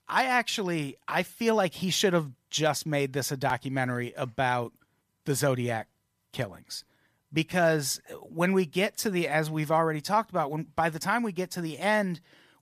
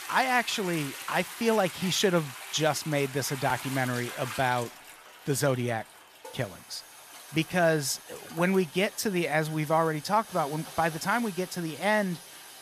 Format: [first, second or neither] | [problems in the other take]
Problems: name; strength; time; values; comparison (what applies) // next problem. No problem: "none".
first | household noises; noticeable; throughout; 15 dB below the speech